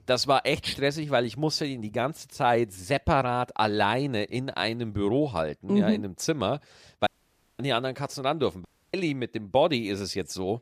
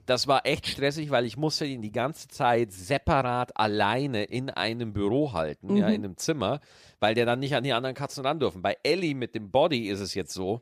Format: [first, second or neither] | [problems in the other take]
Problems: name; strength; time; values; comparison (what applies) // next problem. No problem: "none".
second | audio cutting out; at 7 s for 0.5 s and at 8.5 s